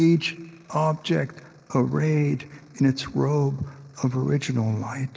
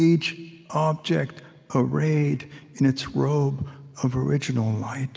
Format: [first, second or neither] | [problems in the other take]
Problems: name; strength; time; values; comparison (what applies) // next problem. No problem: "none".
second | noise reduction (neural mask model Resemble Enhance denoiser)